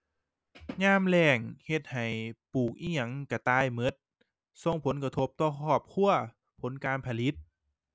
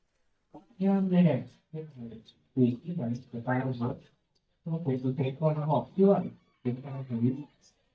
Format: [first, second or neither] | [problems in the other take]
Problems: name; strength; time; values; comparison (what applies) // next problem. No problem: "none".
first | noise reduction (neural mask model DeepFilterNet 3)